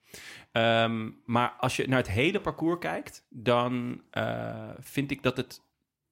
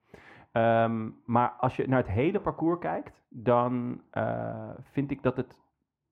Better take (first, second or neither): first